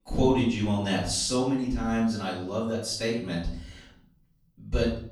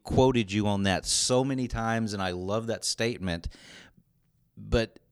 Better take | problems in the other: second | off-mic speech; far // room echo; noticeable; dies away in 0.5 s

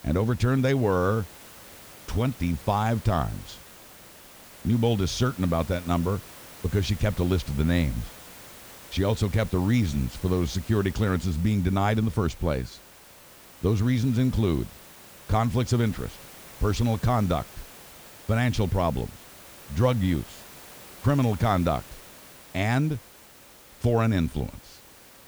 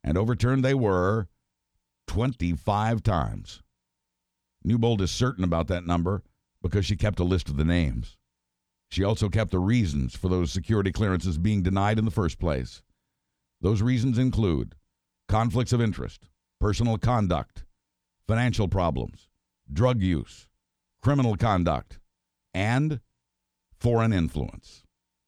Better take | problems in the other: second | hiss; noticeable; throughout; 20 dB below the speech

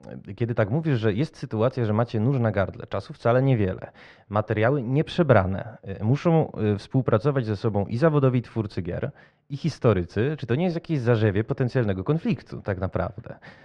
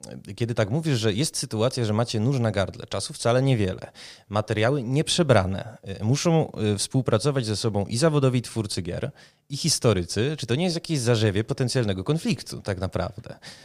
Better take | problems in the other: second | muffled; very; fading above 1.5 kHz

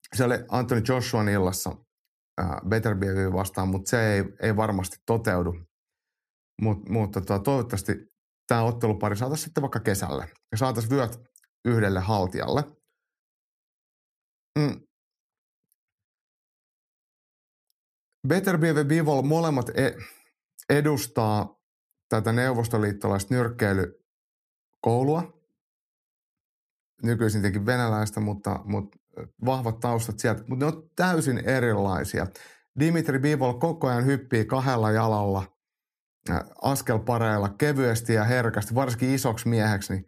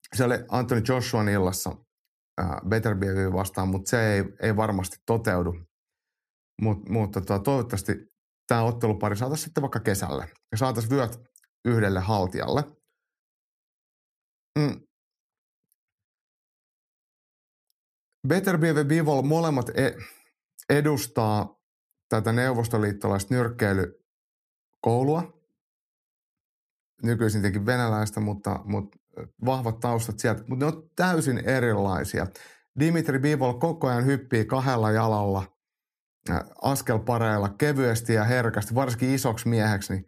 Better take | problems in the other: neither | none

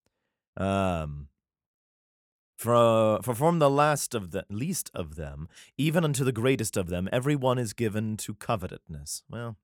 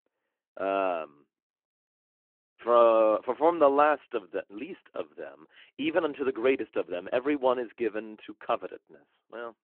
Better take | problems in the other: first | phone-call audio

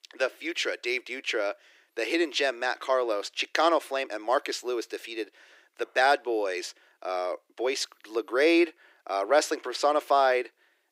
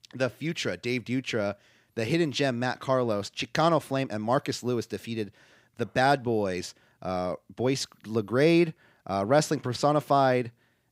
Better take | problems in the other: second | thin; very; fading below 350 Hz

